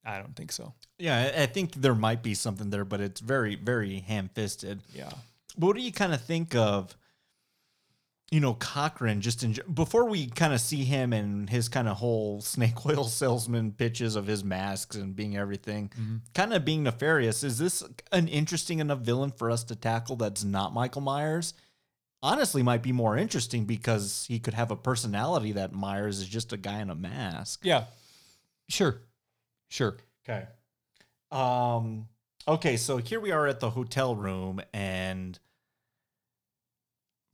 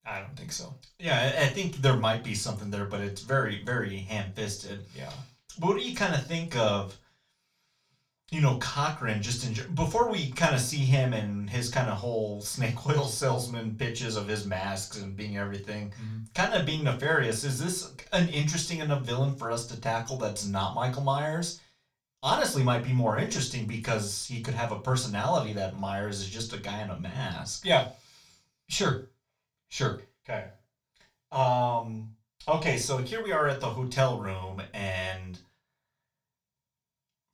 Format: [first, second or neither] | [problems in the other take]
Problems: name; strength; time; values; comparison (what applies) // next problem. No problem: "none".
first | room echo; very slight; dies away in 0.2 s // off-mic speech; far